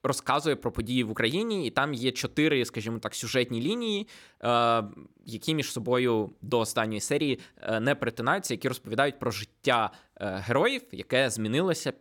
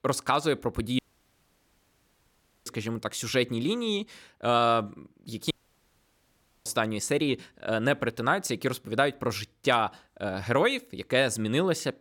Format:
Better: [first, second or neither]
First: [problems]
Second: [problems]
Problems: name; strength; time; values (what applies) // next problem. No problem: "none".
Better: first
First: none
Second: audio cutting out; at 1 s for 1.5 s and at 5.5 s for 1 s